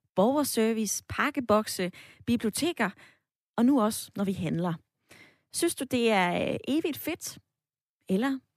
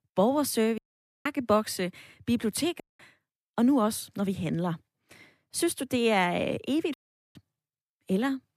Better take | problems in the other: first | audio cutting out; at 1 s, at 3 s and at 7 s

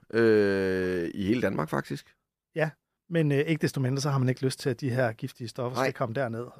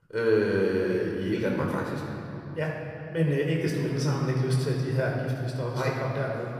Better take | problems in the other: first | room echo; noticeable; dies away in 3 s // off-mic speech; somewhat distant

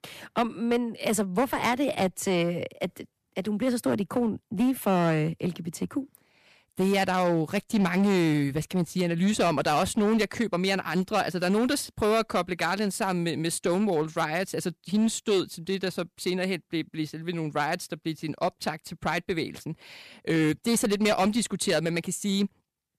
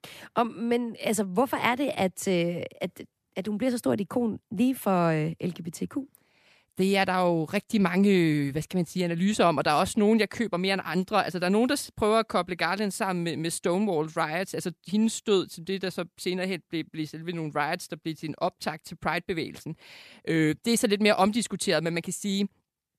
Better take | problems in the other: second | distortion; slight; 7% of the sound clipped

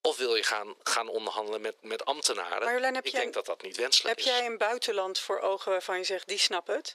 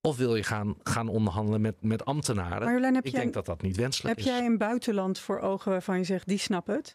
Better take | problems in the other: second | thin; very; fading below 400 Hz

